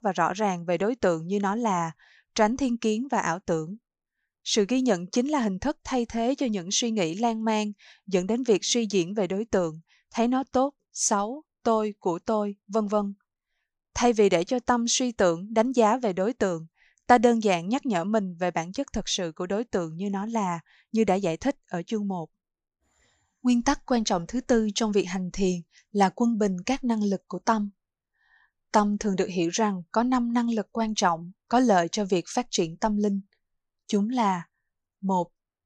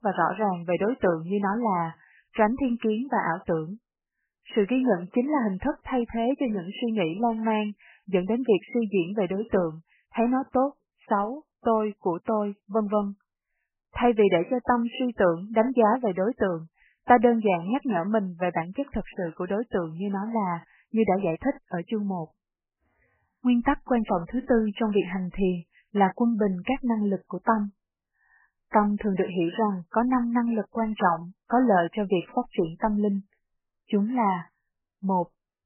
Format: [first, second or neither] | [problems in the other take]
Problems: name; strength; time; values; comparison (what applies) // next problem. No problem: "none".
first | garbled, watery; badly; nothing above 3 kHz